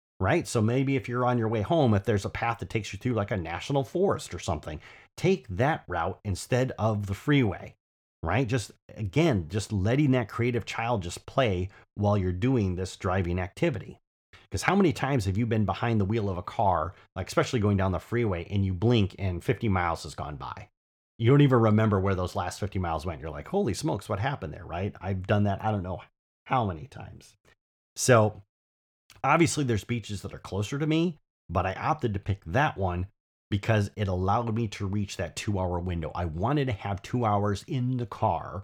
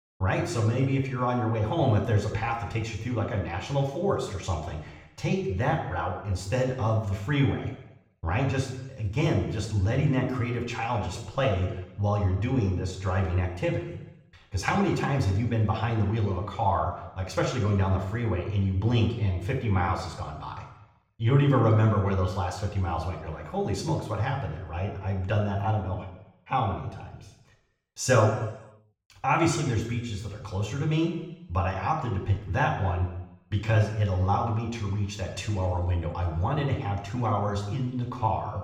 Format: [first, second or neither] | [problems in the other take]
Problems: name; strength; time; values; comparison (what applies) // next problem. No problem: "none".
first | room echo; noticeable; dies away in 0.8 s // off-mic speech; somewhat distant